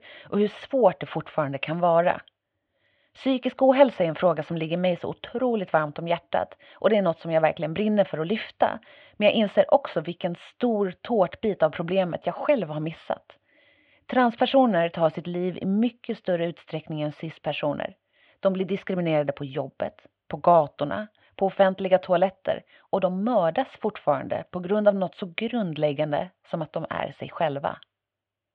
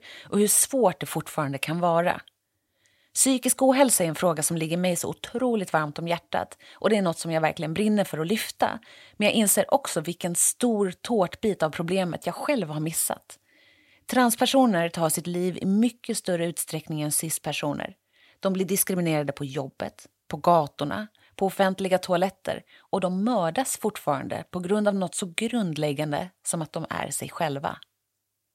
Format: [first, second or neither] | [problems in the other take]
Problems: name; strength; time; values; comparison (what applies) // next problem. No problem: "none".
second | muffled; very; fading above 3 kHz